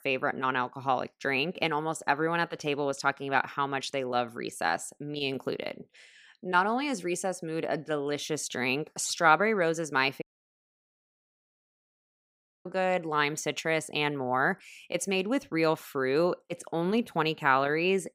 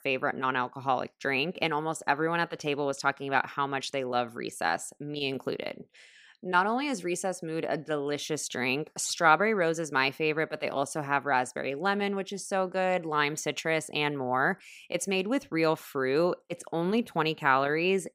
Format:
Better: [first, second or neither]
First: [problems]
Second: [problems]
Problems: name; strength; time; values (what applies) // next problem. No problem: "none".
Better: second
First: audio cutting out; at 10 s for 2.5 s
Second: none